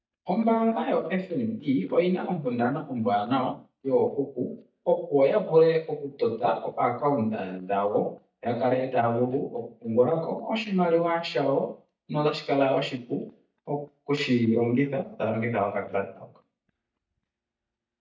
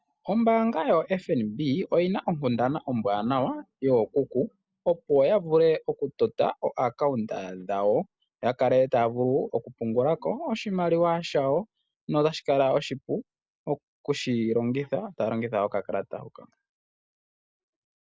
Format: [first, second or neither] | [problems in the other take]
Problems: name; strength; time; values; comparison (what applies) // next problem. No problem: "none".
second | noise reduction (neural mask model DeepFilterNet 3)